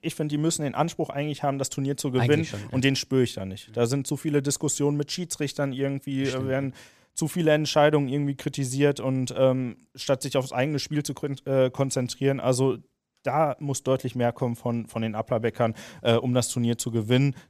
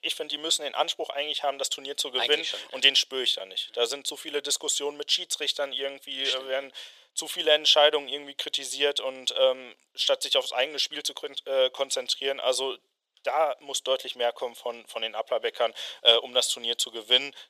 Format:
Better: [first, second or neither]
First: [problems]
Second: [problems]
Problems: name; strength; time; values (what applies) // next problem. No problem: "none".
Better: first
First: none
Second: thin; very; fading below 500 Hz